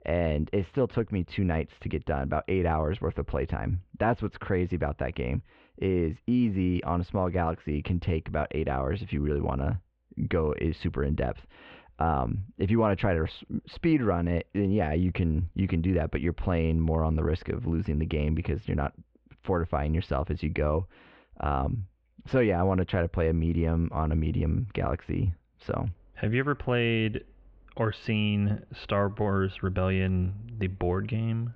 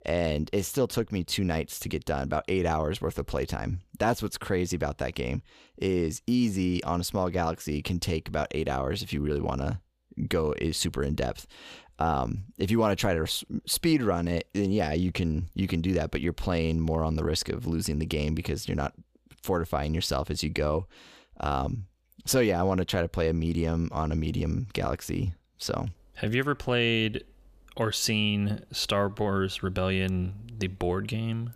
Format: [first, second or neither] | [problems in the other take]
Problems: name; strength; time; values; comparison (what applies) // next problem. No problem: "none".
second | muffled; very; fading above 2.5 kHz